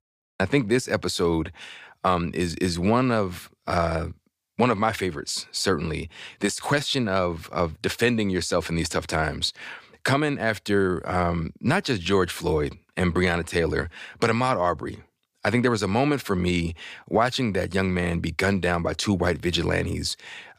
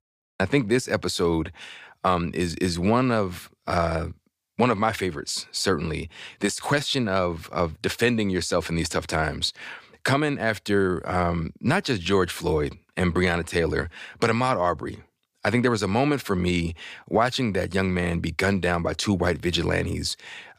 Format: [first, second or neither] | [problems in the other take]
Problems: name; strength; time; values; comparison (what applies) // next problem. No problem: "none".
neither | none